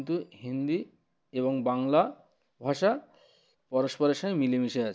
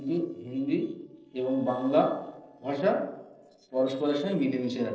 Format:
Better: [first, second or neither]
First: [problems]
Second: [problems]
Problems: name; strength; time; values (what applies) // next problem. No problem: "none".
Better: first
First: none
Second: noise reduction (neural separator model SepFormer DNS4)